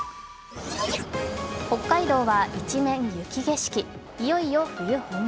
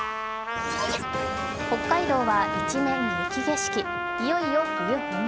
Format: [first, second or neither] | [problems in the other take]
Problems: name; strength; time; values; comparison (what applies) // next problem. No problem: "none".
first | background sound (Trumpet); 2 dB below the speech